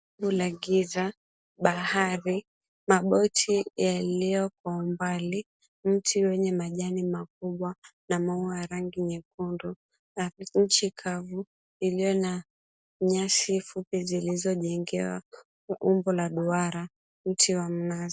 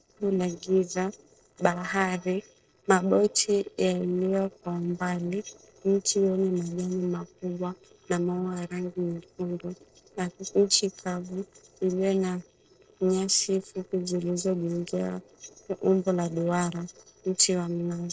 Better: first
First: none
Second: noise reduction (neural separator model SepFormer DNS4)

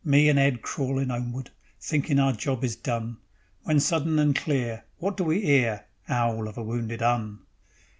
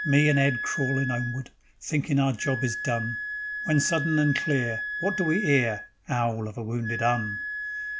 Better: first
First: none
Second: background sound (Wind instrument, woodwind instrument); 6 dB below the speech

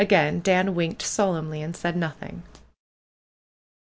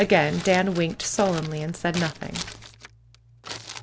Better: first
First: none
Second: background sound (Crumpling, crinkling); 13 dB below the speech

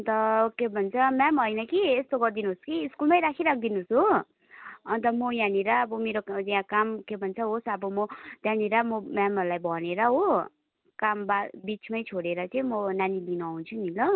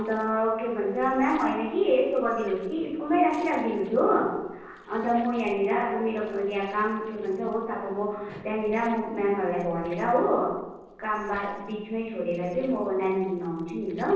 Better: first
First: none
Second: noise reduction (neural separator model SepFormer DNS4)

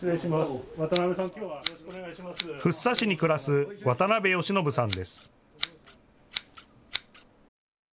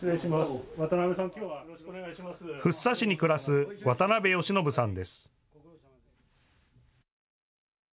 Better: second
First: background sound (Scissors); 12 dB below the speech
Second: none

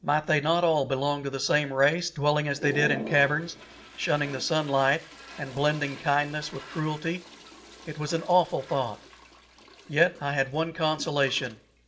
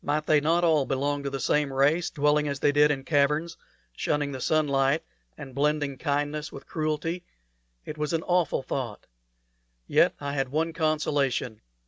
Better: second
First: background sound (Toilet flush); 16 dB below the speech // room echo; dies away in 0.3 s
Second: none

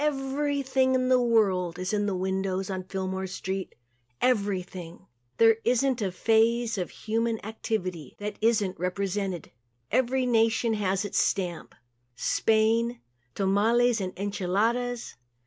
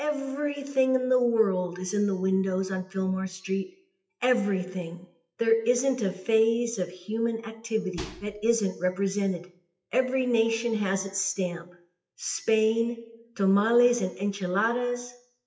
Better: first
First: none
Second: noise reduction (classical method WPE with log-MMSE)

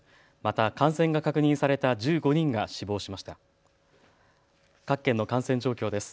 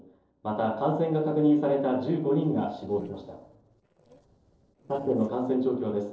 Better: first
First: none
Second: noise reduction (neural separator model SepFormer DNS4)

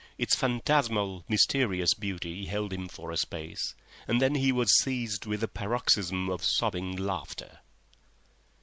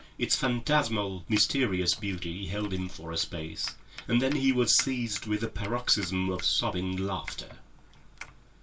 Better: first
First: none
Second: background sound (Domestic sounds, home sounds); 18 dB below the speech // room echo; dies away in 0.2 s

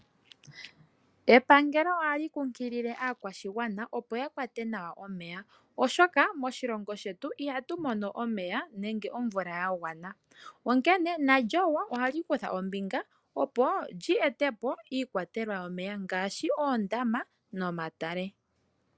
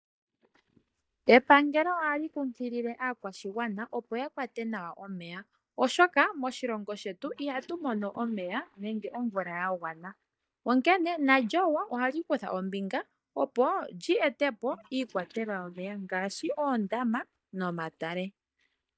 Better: first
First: none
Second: noise reduction (neural mask model DeepFilterNet 3)

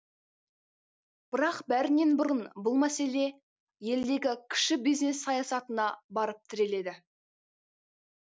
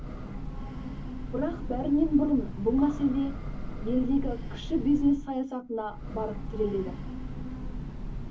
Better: first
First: none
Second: background sound (Train / Breathing); 6 dB below the speech // room echo; dies away in 0.3 s

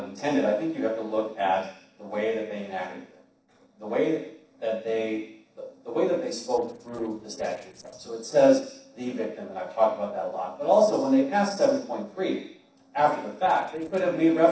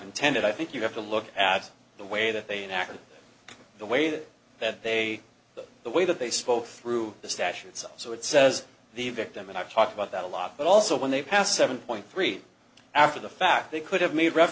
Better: second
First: noise reduction (neural separator model SepFormer DNS4)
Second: none

